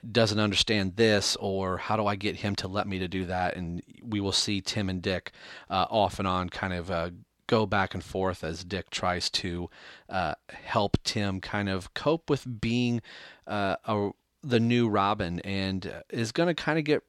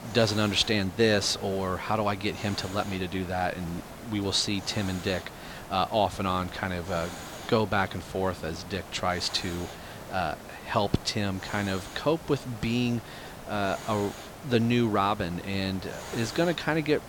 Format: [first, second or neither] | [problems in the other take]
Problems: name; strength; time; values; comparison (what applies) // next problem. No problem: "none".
first | hiss; noticeable; throughout; 15 dB below the speech